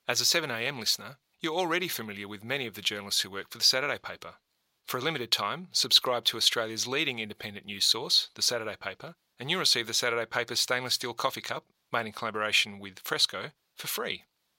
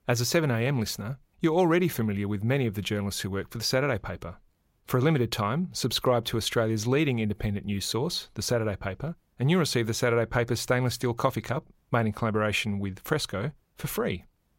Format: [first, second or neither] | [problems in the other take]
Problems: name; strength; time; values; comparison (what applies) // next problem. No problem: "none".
second | thin; somewhat; fading below 1 kHz